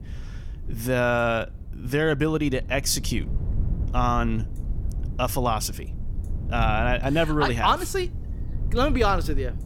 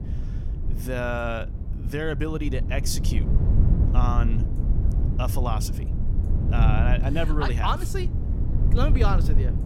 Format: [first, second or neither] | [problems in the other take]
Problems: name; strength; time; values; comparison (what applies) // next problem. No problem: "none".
first | low rumble; loud; throughout; 9 dB below the speech; faint in the first